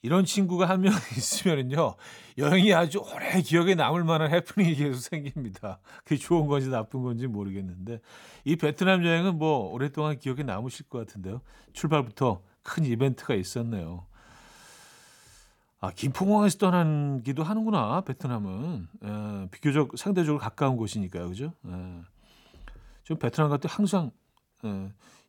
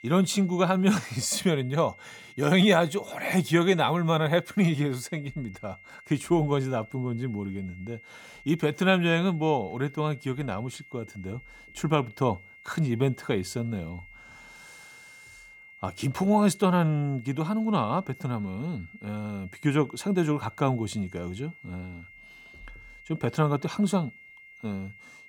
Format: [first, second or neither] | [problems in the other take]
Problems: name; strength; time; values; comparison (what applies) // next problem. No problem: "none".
first | high-pitched whine; faint; throughout; 2 kHz, 20 dB below the speech